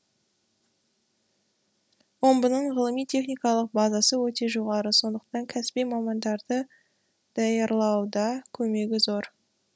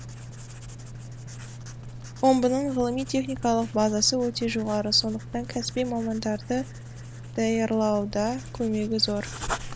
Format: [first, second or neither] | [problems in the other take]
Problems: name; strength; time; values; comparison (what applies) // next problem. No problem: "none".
first | background sound (Writing); 11 dB below the speech